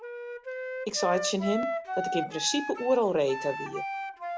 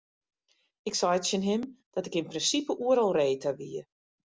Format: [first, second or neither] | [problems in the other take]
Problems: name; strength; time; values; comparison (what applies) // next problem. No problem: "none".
second | background sound (Wind instrument, woodwind instrument); 5 dB below the speech